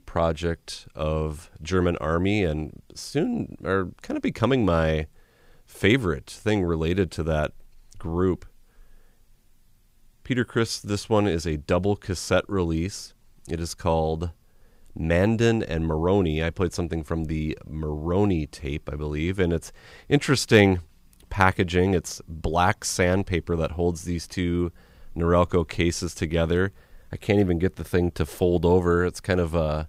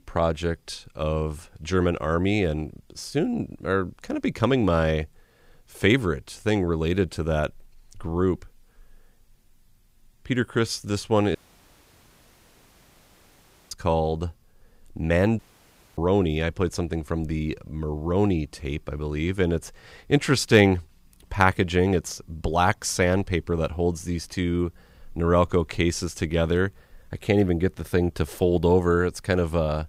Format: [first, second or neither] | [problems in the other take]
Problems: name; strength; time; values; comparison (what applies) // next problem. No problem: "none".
first | audio cutting out; at 11 s for 2.5 s and at 15 s for 0.5 s